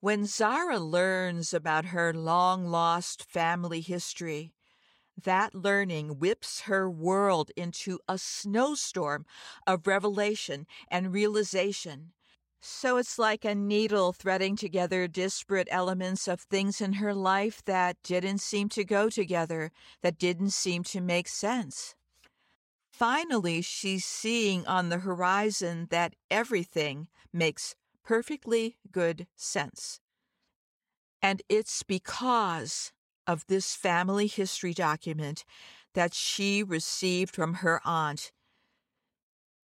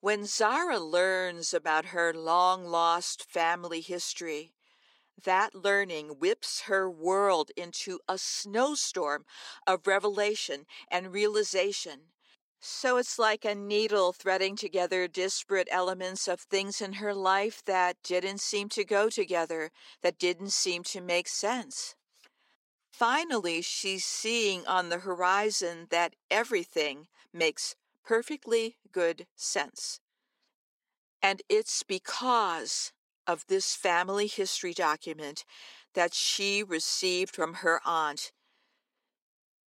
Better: first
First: none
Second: thin; somewhat; fading below 300 Hz

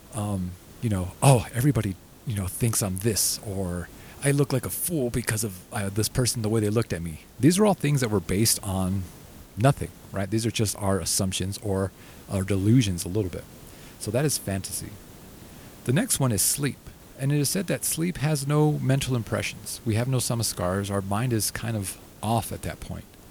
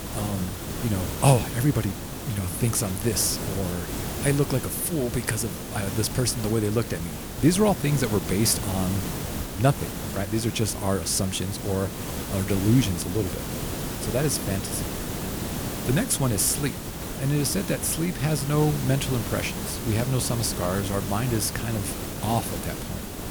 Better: first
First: hiss; faint; throughout; 20 dB below the speech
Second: hiss; loud; throughout; 6 dB below the speech

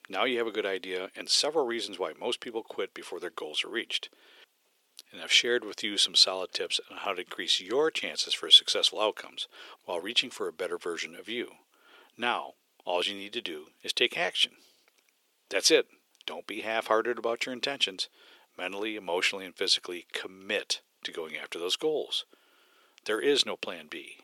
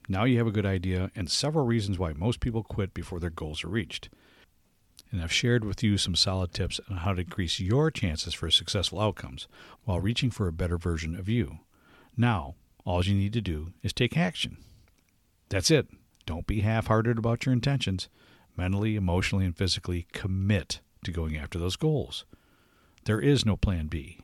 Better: second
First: thin; very; fading below 400 Hz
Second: none

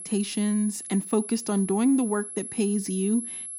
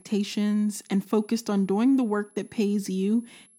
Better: second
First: high-pitched whine; loud; throughout; 11 kHz, 9 dB below the speech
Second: high-pitched whine; faint; throughout; 11 kHz, 30 dB below the speech

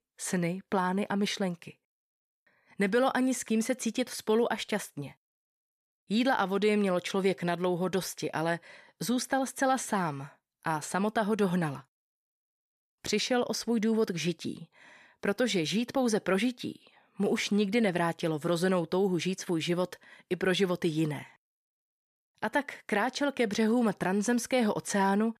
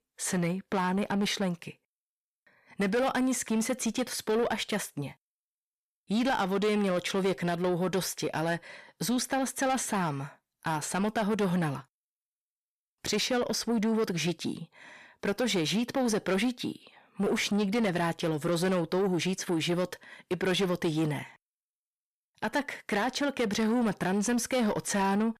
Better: first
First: none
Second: distortion; slight; 10 dB below the speech

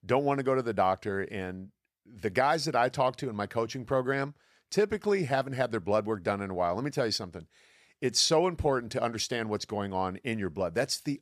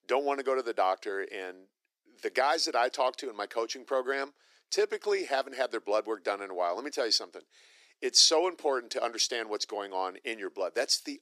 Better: first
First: none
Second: thin; somewhat; fading below 300 Hz

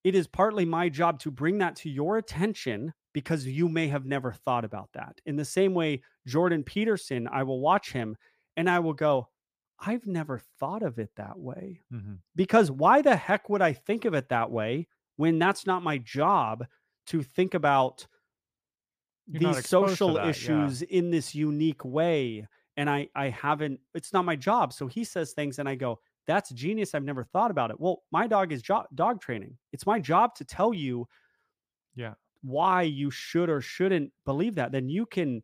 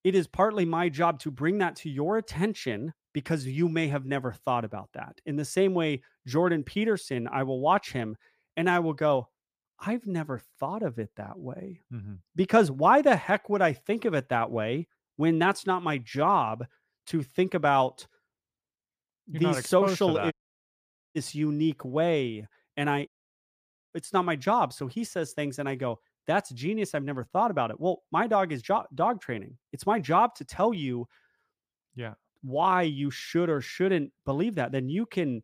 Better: first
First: none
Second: audio cutting out; at 20 s for 1 s and at 23 s for 1 s

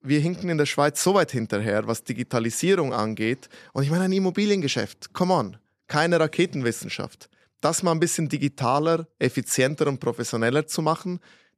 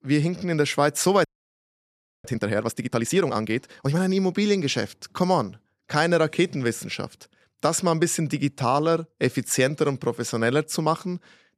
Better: first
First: none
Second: audio freezing; at 1.5 s for 1 s

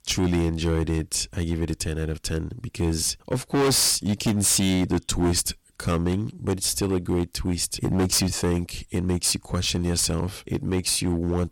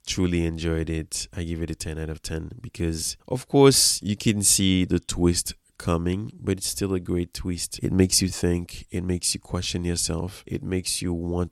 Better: second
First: distortion; heavy; 12% of the sound clipped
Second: none

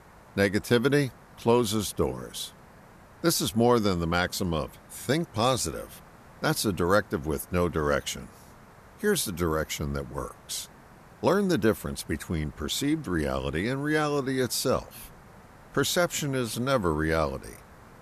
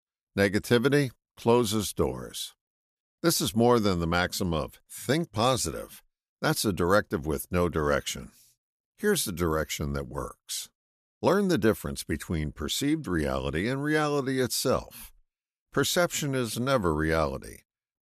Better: second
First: hiss; faint; throughout; 25 dB below the speech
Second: none

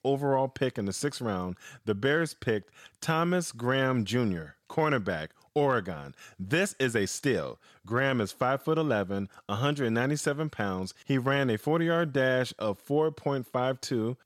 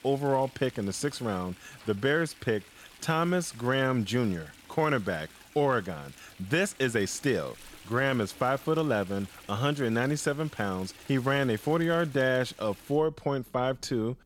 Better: first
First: none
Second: rain or running water; faint; throughout; 20 dB below the speech

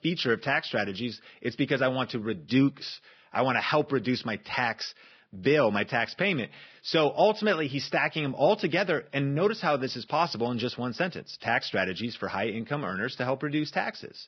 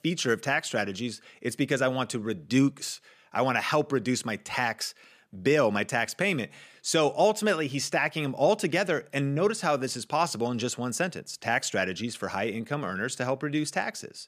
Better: second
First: garbled, watery; badly; nothing above 5.5 kHz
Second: none

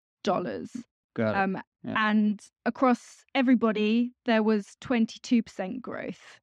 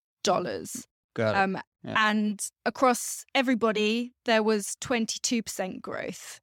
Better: second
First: muffled; slightly; fading above 3 kHz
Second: none

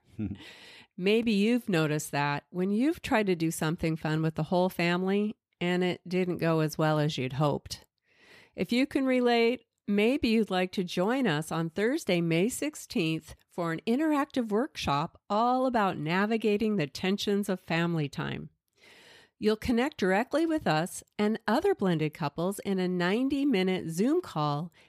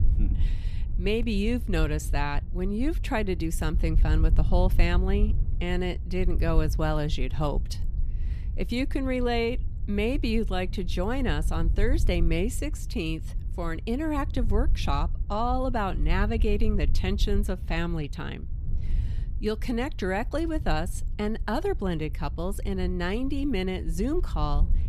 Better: first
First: none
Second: low rumble; noticeable; throughout; 20 dB below the speech

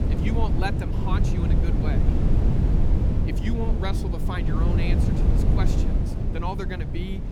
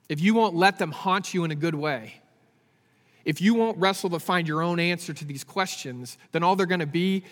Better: second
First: wind noise on the microphone; heavy; 1 dB below the speech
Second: none

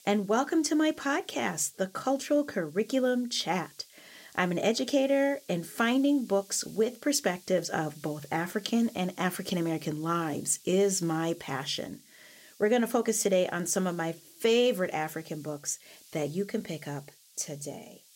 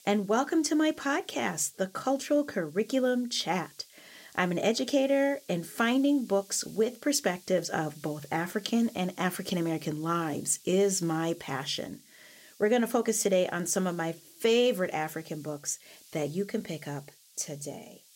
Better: neither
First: hiss; faint; throughout; 25 dB below the speech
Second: hiss; faint; throughout; 25 dB below the speech

